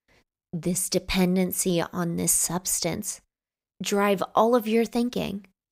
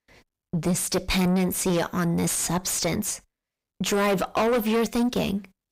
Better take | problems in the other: first | distortion; heavy; 5 dB below the speech

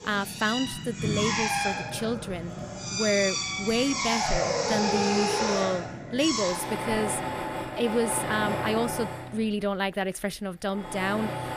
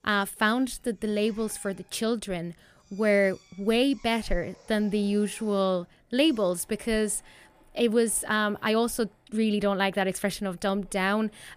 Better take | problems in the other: second | machinery noise; loud; throughout; as loud as the speech; faint in the second

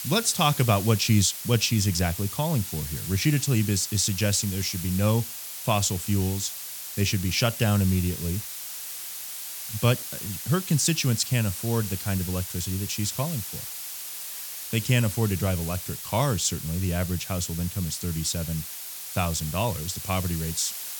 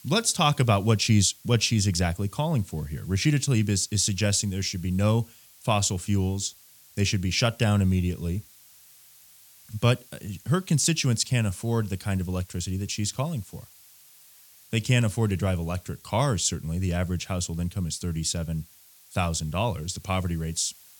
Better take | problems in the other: second | hiss; loud; throughout; 7 dB below the speech; faint in the second

